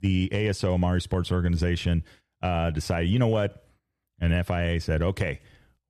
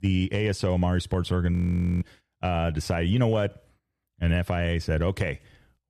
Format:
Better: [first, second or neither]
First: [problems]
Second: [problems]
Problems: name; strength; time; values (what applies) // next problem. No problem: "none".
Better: first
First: none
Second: audio freezing; at 1.5 s